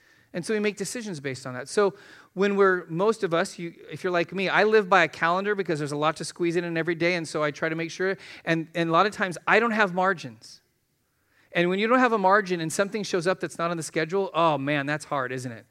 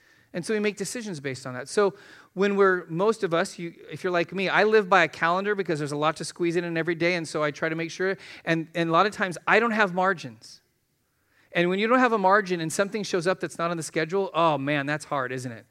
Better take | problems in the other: neither | none

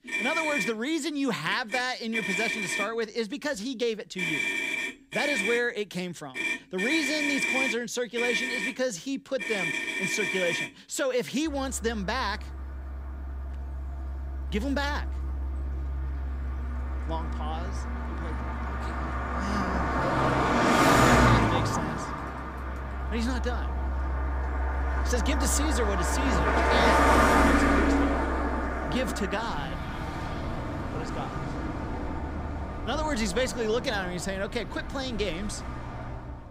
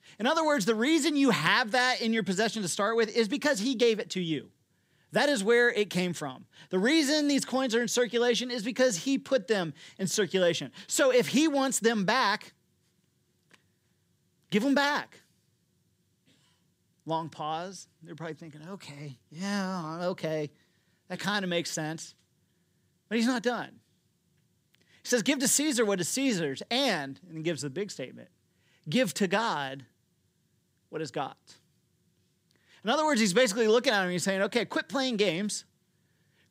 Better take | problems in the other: second | traffic noise; very loud; throughout; 3 dB above the speech

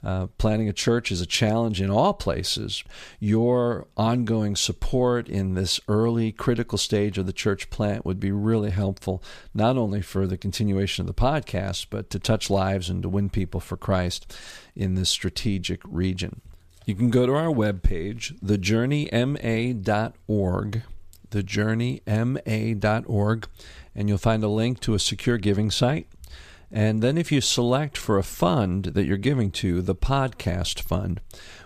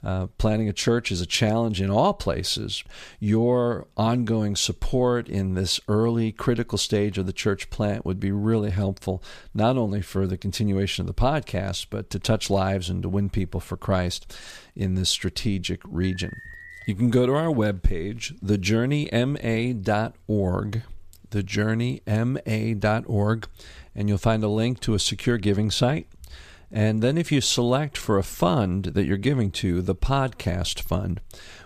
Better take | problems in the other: first | alarm; faint; at 16 s; peak 15 dB below the speech

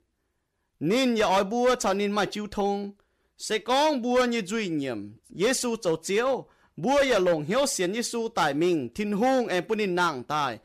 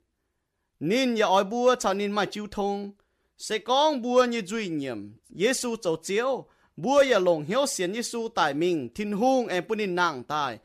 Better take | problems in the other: second | distortion; slight; 5% of the sound clipped

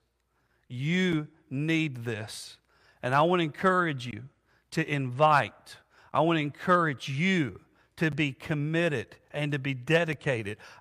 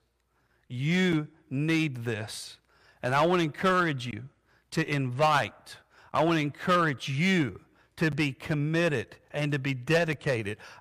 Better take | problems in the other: first | distortion; slight; 3% of the sound clipped

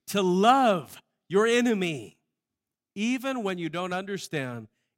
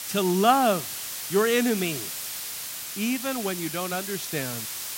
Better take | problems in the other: first | hiss; loud; throughout; 6 dB below the speech

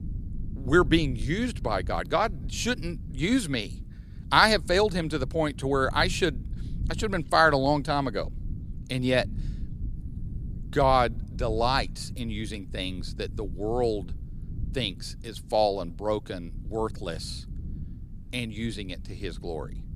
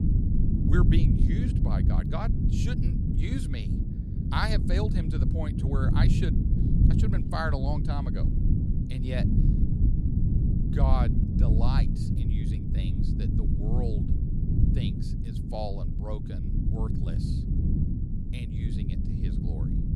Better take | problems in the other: first | low rumble; loud; throughout; 2 dB below the speech; faint in the first

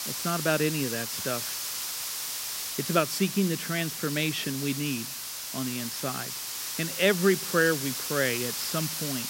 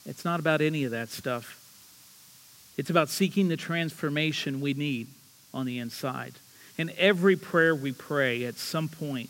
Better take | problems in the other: second | hiss; loud; throughout; 3 dB below the speech; faint in the second

